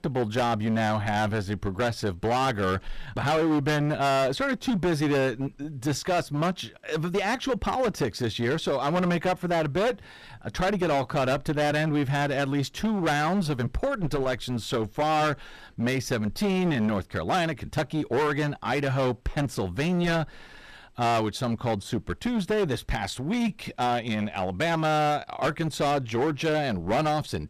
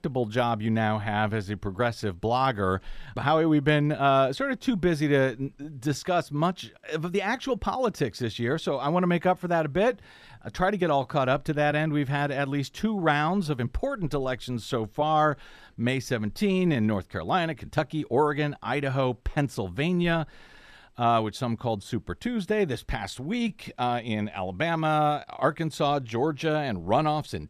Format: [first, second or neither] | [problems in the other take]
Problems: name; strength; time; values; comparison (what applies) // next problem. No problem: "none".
second | distortion; heavy; 17% of the sound clipped